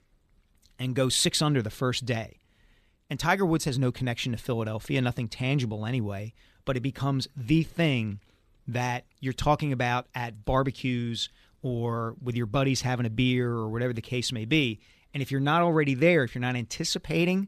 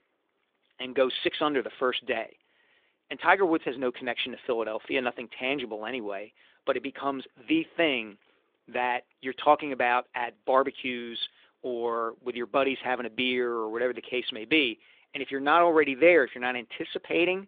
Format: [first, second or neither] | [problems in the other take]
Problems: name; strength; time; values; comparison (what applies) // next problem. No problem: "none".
first | phone-call audio